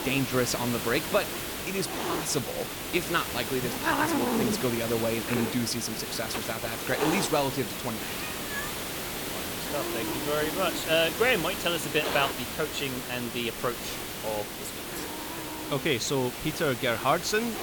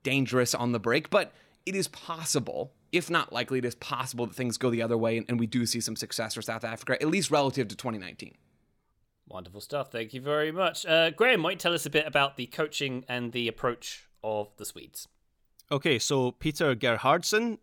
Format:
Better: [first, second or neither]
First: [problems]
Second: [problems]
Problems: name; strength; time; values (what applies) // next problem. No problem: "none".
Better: second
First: hiss; loud; throughout; 2 dB below the speech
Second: none